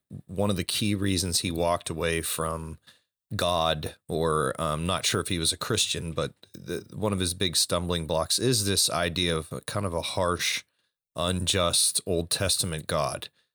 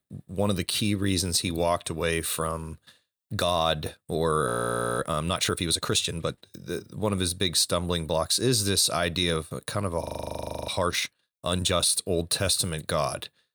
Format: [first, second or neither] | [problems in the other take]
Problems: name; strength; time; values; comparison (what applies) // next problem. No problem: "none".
first | audio freezing; at 4.5 s for 0.5 s and at 10 s for 0.5 s